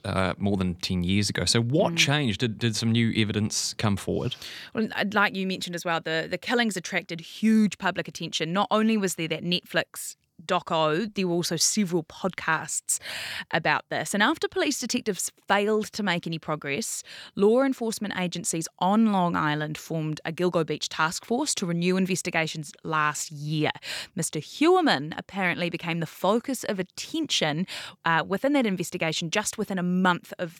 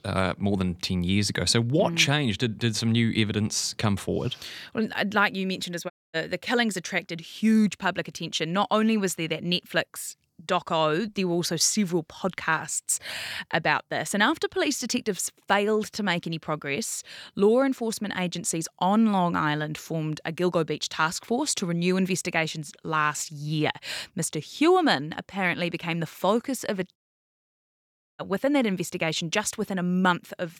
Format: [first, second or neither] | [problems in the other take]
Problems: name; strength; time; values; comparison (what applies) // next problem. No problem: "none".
first | audio cutting out; at 6 s and at 27 s for 1 s